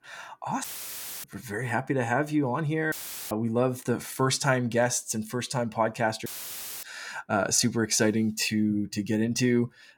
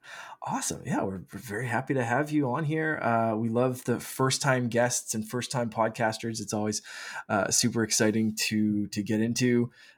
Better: second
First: audio cutting out; filled with static; at 0.5 s for 0.5 s, at 3 s and at 6.5 s for 0.5 s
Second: none

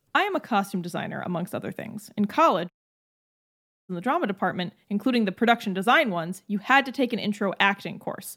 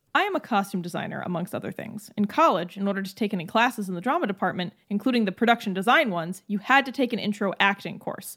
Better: second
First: audio cutting out; at 2.5 s for 1 s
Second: none

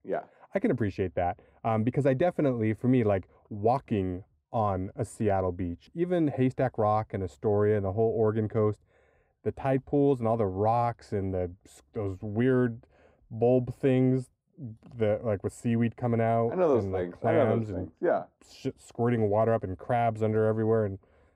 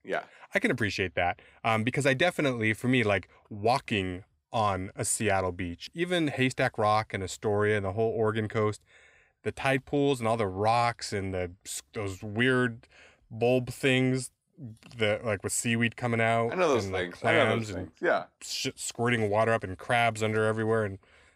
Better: second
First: muffled; very; fading above 1.5 kHz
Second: none

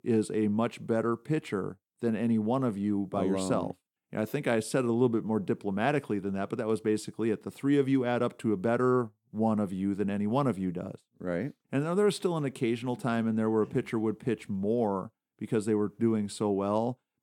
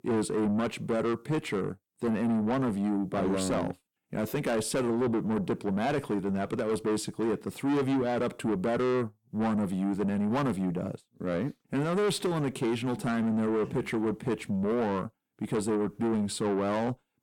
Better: first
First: none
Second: distortion; heavy; 8 dB below the speech

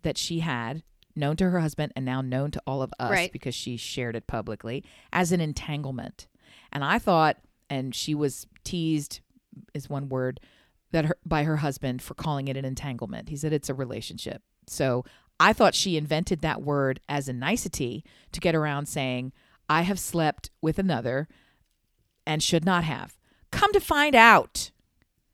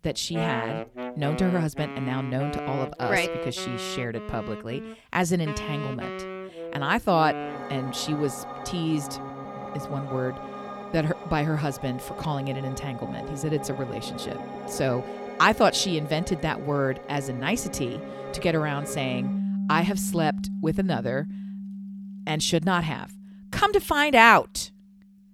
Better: first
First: none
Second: background music; loud; throughout; 9 dB below the speech

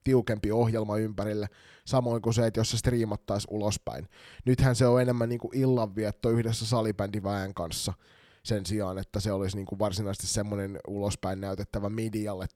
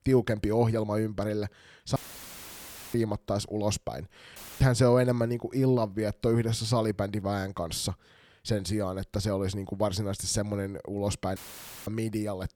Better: first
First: none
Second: audio cutting out; filled with static; at 2 s for 1 s, at 4.5 s and at 11 s for 0.5 s

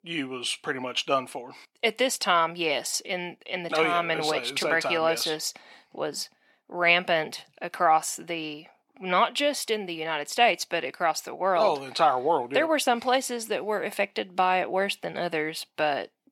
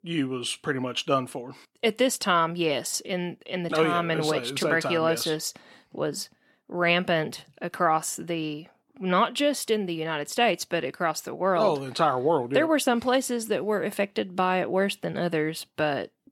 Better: second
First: thin; very slightly; fading below 350 Hz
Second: none

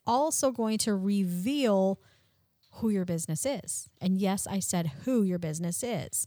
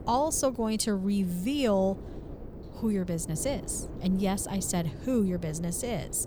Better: first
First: none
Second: wind noise on the microphone; occasional gusts; 15 dB below the speech

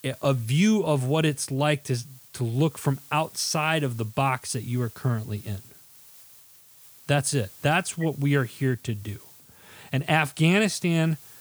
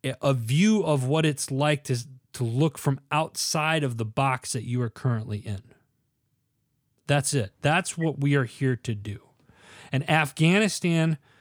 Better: second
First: hiss; faint; throughout; 20 dB below the speech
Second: none

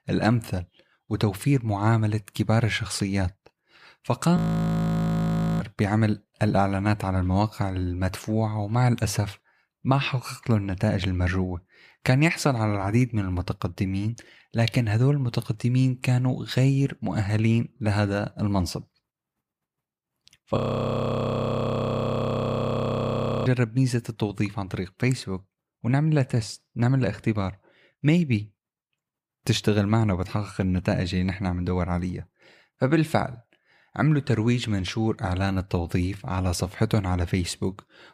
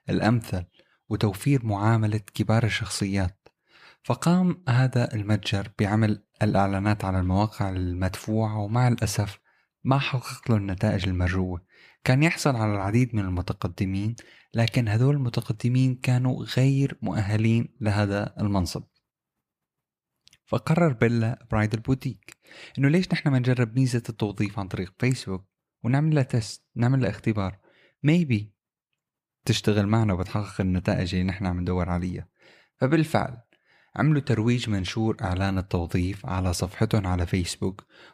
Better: second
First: audio freezing; at 4.5 s for 1 s and at 21 s for 3 s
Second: none

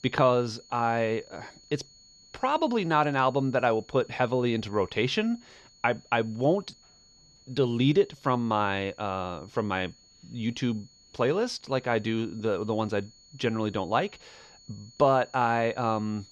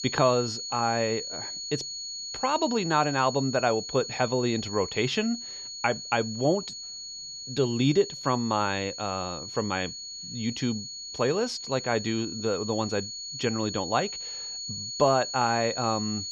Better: first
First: high-pitched whine; faint; throughout; 4.5 kHz, 25 dB below the speech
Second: high-pitched whine; loud; throughout; 4.5 kHz, 7 dB below the speech

